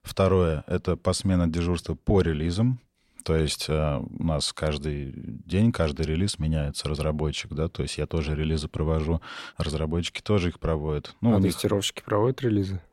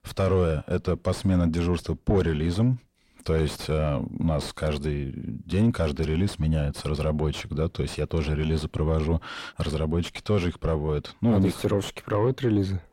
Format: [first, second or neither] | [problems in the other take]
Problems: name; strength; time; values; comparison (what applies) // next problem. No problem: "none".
first | distortion; slight; 10 dB below the speech